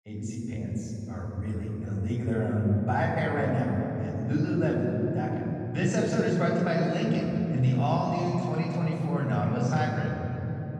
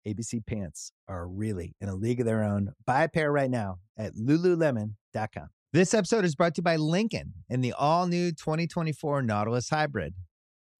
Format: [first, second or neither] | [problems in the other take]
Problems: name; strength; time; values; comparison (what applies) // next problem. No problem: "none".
second | room echo; strong; dies away in 3 s // off-mic speech; far